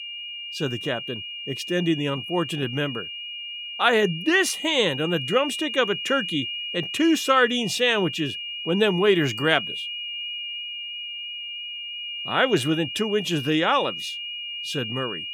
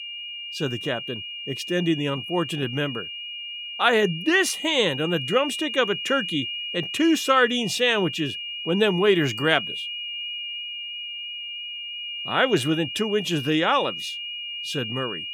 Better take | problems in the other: neither | high-pitched whine; loud; throughout; 3 kHz, 7 dB below the speech; the same in both

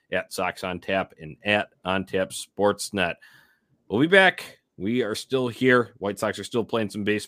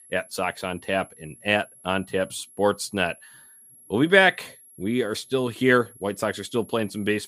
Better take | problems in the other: first | high-pitched whine; faint; throughout; 11 kHz, 25 dB below the speech

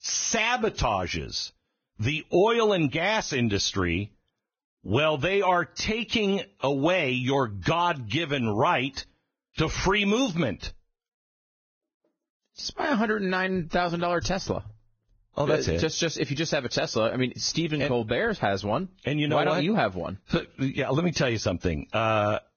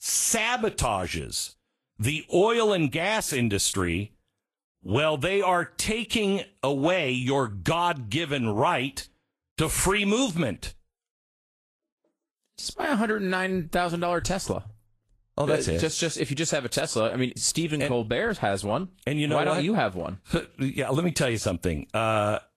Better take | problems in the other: second | garbled, watery; badly; nothing above 6.5 kHz; slightly in the second

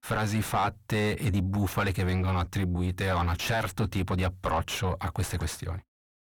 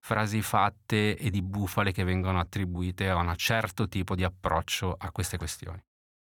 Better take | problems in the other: second | distortion; heavy; 4 dB below the speech

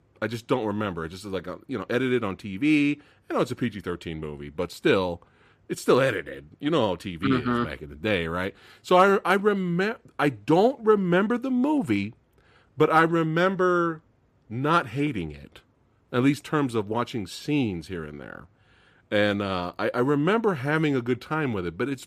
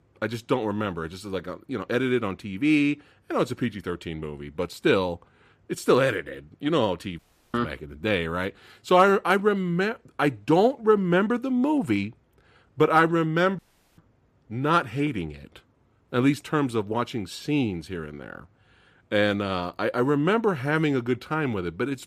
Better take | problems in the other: first | audio cutting out; at 7 s and at 14 s

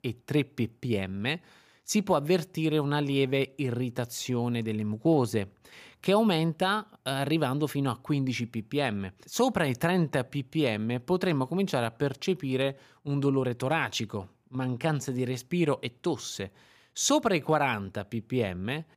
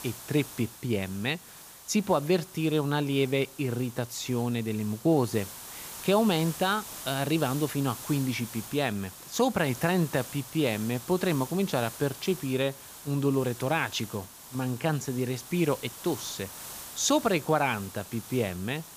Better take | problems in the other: first | hiss; noticeable; throughout; 15 dB below the speech

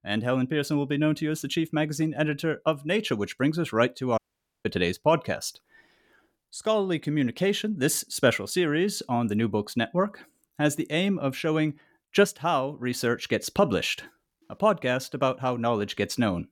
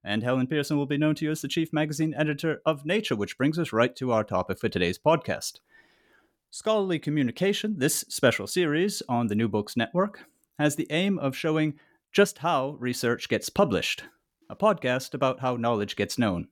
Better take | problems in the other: second | audio cutting out; at 4 s

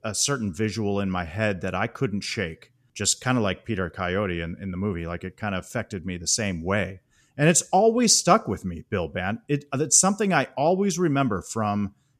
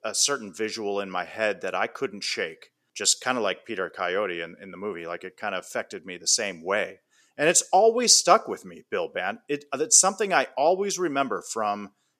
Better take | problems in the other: first | thin; somewhat; fading below 450 Hz

